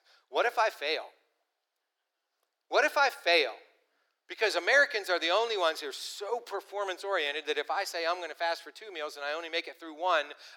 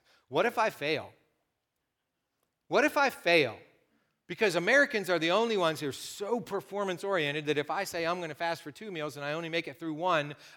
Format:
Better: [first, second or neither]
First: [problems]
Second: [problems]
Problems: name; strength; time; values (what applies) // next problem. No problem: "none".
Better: second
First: thin; very; fading below 350 Hz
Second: none